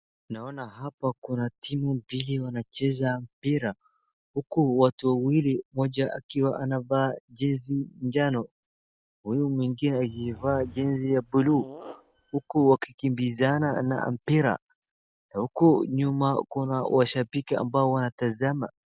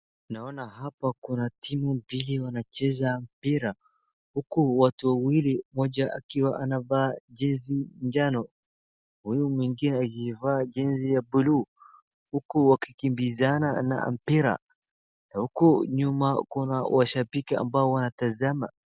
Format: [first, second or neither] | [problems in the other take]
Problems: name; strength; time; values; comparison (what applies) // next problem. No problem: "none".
second | background sound (Fart / Drawer open or close); 18 dB below the speech